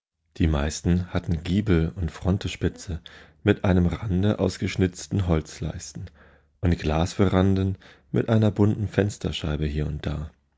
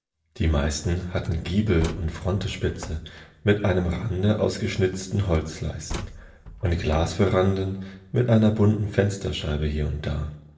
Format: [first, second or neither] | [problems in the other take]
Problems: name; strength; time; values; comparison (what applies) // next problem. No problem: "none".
first | background sound (Slam); 17 dB below the speech // room echo; dies away in 0.7 s